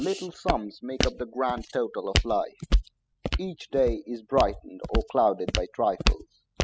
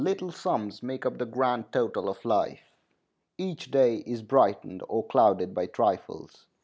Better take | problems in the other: second | noise reduction (classical method spectral subtraction)

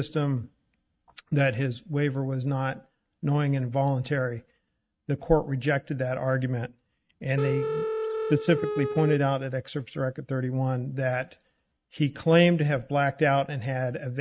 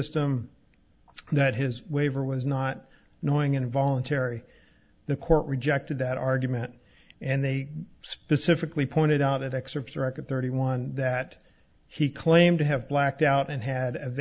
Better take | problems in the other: second | noise reduction (neural mask model RNNoise)

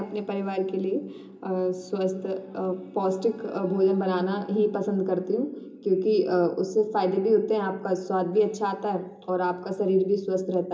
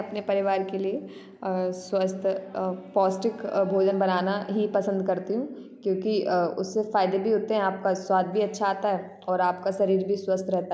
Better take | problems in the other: second | room echo; dies away in 0.2 s

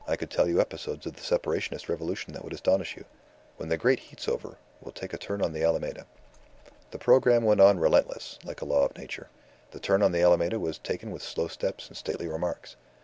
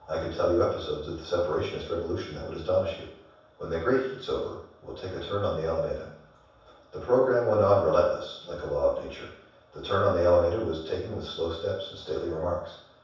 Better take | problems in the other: first | room echo; dies away in 0.7 s

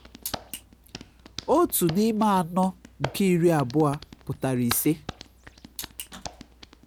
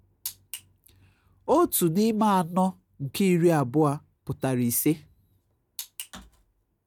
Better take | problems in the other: second | background sound (Hands); 15 dB below the speech

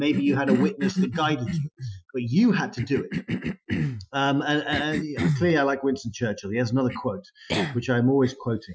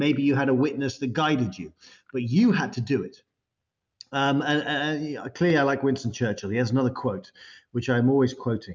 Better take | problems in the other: second | noise reduction (classical method Wiener filter)

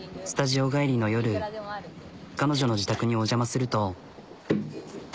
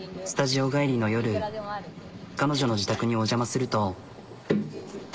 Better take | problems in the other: first | room echo; dies away in 1.7 s

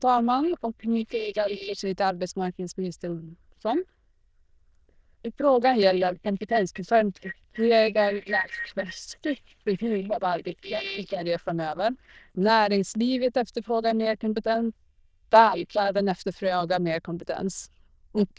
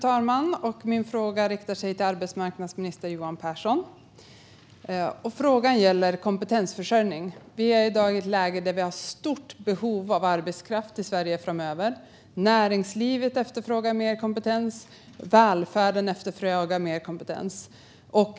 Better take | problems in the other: second | noise reduction (neural diffusion model UNIVERSE++)

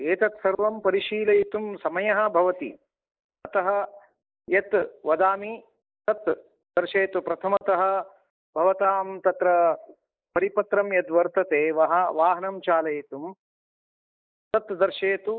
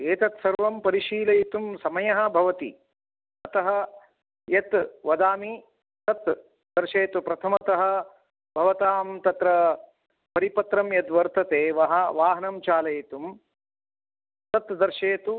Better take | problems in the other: second | noise reduction (neural mask model Resemble Enhance denoiser)

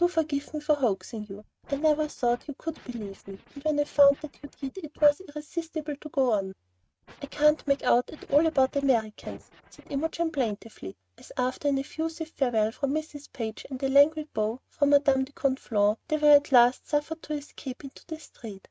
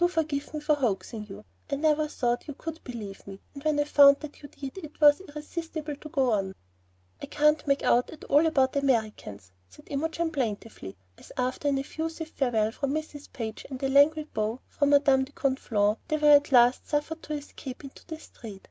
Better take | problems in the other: second | noise reduction (neural mask model RNNoise)

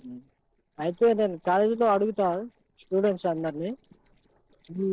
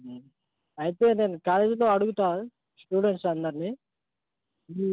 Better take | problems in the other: second | noise reduction (neural separator model SepFormer DNS4)

